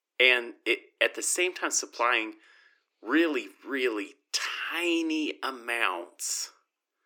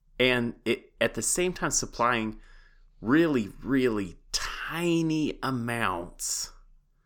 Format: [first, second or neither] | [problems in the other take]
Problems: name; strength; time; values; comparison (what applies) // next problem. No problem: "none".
second | thin; somewhat; fading below 300 Hz